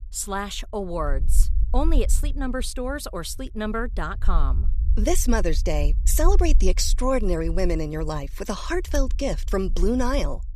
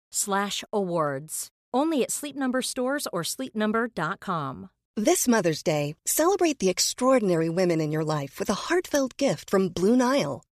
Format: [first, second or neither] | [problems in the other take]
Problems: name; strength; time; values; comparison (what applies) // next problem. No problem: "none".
second | low rumble; faint; throughout; 20 dB below the speech